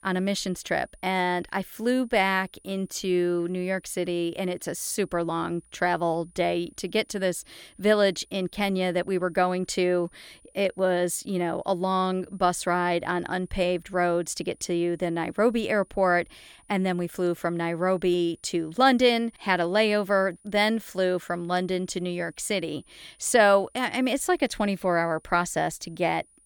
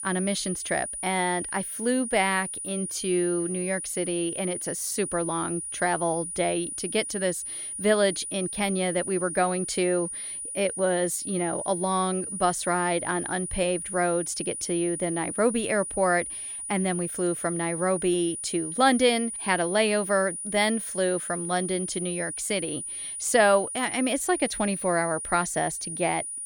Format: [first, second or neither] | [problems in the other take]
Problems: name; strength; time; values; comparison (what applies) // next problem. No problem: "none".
first | high-pitched whine; loud; throughout; 9.5 kHz, 5 dB below the speech; faint in the first